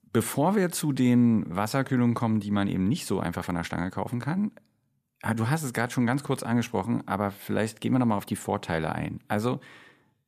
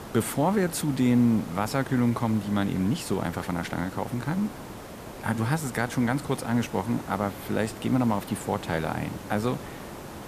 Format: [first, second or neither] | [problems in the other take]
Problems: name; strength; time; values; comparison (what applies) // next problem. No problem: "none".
first | hiss; noticeable; throughout; 15 dB below the speech